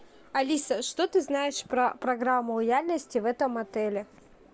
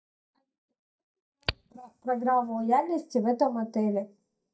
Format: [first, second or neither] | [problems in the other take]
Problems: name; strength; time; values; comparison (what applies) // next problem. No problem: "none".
first | noise reduction (neural mask model DeepFilterNet 3)